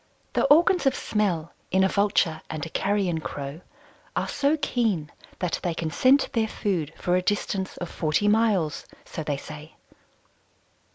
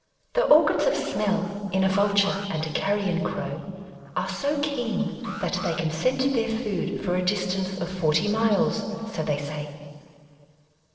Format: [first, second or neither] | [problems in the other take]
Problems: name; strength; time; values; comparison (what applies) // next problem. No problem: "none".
first | noise reduction (neural separator model SepFormer DNS4)